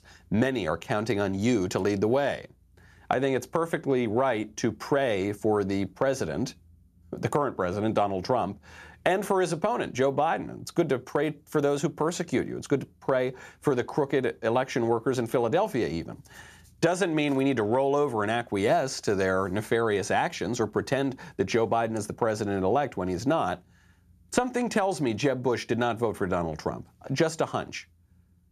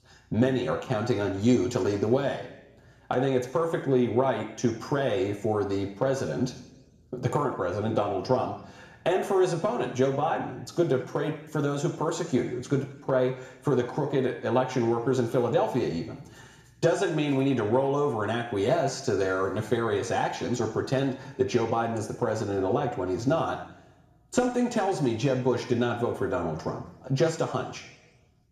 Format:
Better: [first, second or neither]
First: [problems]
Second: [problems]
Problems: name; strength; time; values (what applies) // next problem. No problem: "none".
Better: first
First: none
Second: room echo; slight; dies away in 0.9 s // off-mic speech; somewhat distant